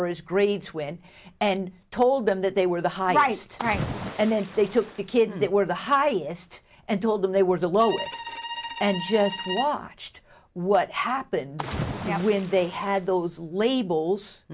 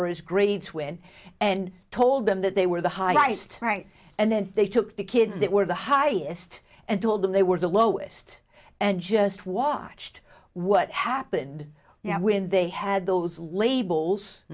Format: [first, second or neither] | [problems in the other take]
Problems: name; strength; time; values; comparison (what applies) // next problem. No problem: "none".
second | background sound (Bowed string instrument + Splash, splatter); 10 dB below the speech